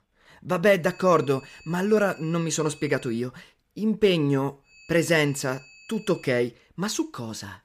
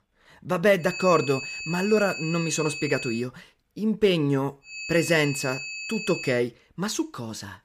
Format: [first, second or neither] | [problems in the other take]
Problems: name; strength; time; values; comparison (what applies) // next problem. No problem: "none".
first | high-pitched whine; loud; from 1 to 3 s and from 4.5 to 6.5 s; 2.5 kHz, 7 dB below the speech; faint in the first